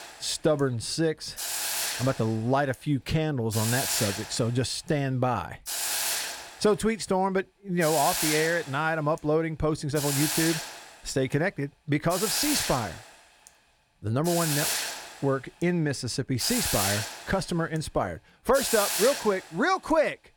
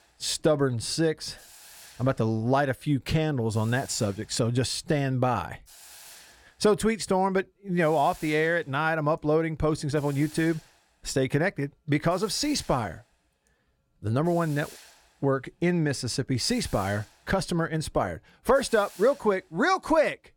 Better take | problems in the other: second | hiss; loud; throughout; 1 dB below the speech; faint in the second

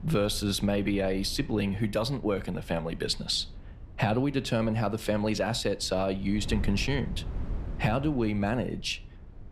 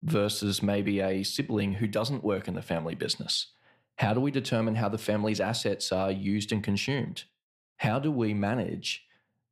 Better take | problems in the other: second | wind noise on the microphone; occasional gusts; 20 dB below the speech

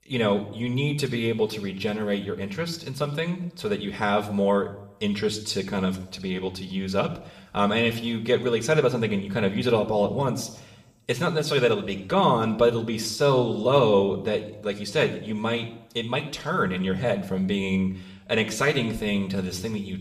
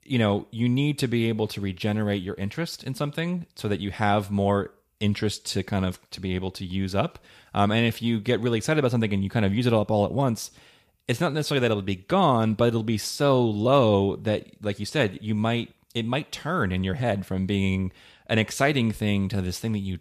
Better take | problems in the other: second | room echo; very slight; dies away in 0.7 s

